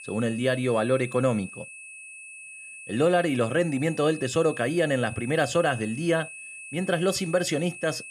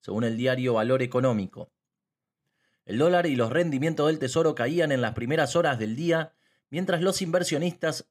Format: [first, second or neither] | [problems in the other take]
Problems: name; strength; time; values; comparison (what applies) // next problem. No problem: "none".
second | high-pitched whine; noticeable; throughout; 2.5 kHz, 15 dB below the speech